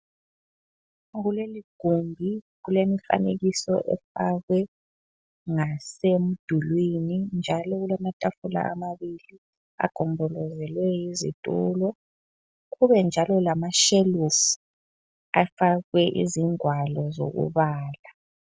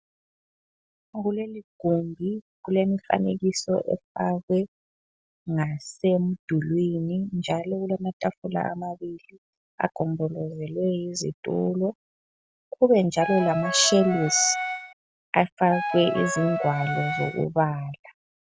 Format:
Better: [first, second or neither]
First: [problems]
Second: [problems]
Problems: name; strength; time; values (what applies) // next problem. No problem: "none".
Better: first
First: none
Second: background sound (Wind instrument, woodwind instrument); 3 dB below the speech